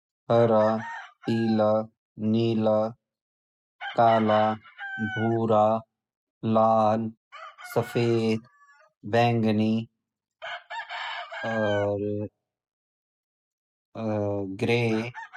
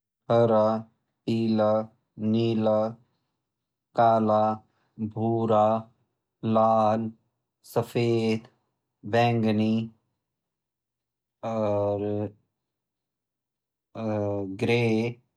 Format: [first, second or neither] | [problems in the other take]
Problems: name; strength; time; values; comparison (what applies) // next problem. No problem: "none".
second | noise reduction (classical method spectral subtraction)